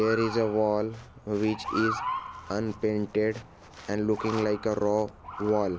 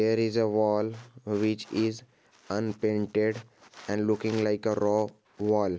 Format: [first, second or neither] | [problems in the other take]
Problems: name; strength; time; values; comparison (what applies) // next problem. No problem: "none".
second | background sound (Motor vehicle (road) / Siren); 10 dB below the speech